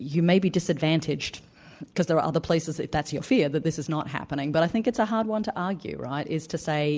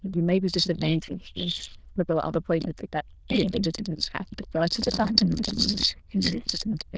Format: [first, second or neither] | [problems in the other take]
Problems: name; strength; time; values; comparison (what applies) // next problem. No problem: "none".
first | noise reduction (neural diffusion model UNIVERSE++)